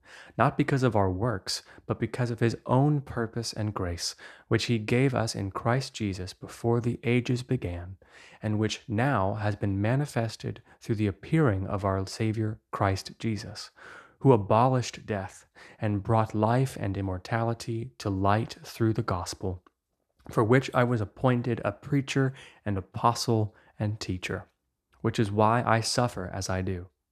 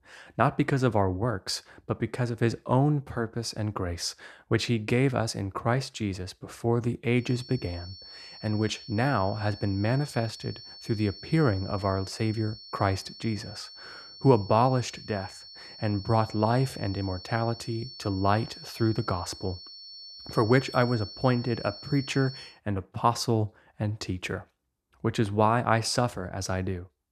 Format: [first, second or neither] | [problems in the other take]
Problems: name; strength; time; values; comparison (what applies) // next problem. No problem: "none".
first | high-pitched whine; noticeable; from 7 to 22 s; 4.5 kHz, 15 dB below the speech